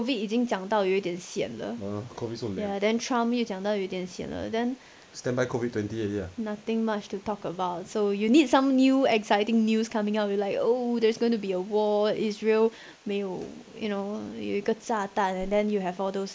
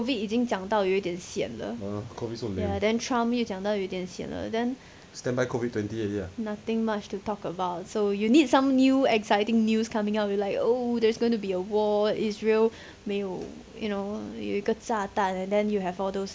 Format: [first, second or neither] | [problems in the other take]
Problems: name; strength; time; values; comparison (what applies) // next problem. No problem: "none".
second | noise reduction (neural mask model Resemble Enhance denoiser)